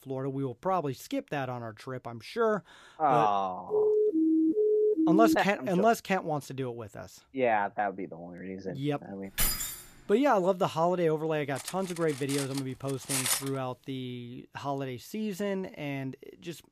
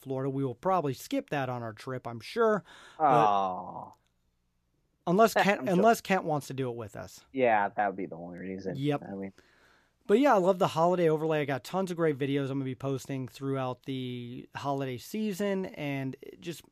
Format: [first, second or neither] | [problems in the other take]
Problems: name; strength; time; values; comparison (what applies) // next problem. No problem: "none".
second | siren; loud; from 3.5 to 5.5 s; peak 5 dB above the speech // jangling keys; loud; at 9.5 s; peak 2 dB above the speech // clattering dishes; loud; from 12 to 13 s; peak 3 dB above the speech